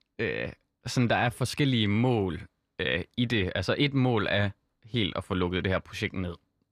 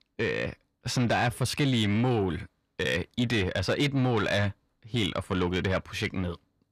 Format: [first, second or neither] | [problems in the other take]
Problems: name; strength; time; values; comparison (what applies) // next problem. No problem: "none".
first | distortion; slight; 10 dB below the speech